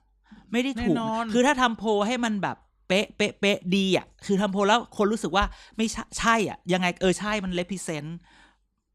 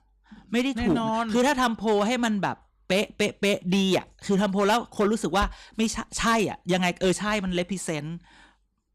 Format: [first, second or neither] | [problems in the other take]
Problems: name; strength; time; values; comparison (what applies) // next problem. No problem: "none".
first | distortion; slight; 5% of the sound clipped